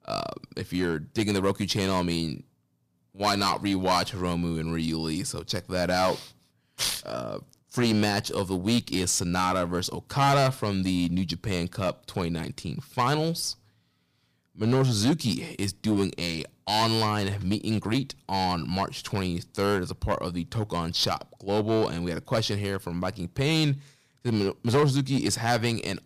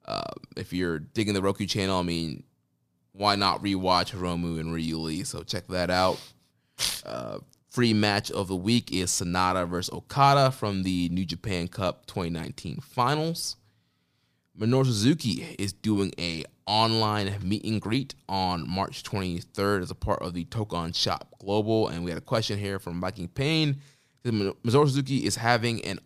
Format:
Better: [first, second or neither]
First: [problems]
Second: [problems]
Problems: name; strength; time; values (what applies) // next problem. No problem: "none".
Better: second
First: distortion; slight; 4% of the sound clipped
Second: none